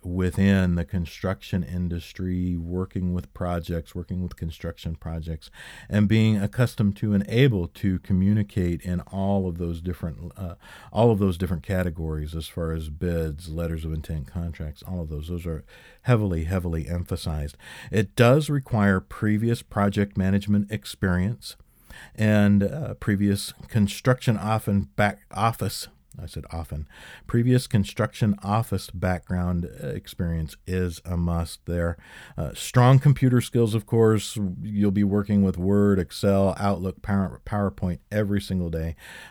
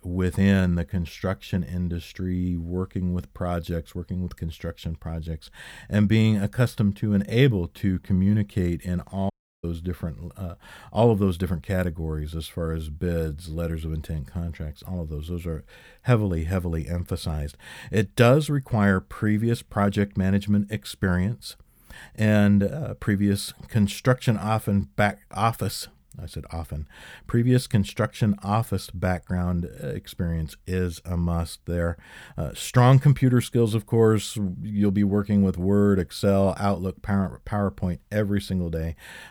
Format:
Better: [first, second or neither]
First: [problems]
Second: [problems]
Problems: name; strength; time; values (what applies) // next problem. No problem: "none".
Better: first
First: none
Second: audio cutting out; at 9.5 s